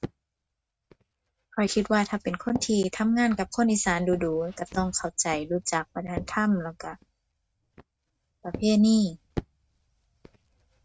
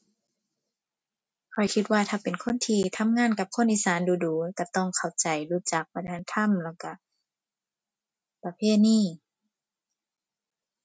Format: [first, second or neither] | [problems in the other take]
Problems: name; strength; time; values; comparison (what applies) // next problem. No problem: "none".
second | noise reduction (neural mask model RNNoise)